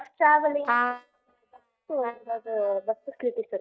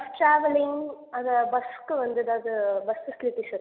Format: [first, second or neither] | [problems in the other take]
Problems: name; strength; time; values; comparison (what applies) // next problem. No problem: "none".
second | noise reduction (neural mask model DeepFilterNet 3)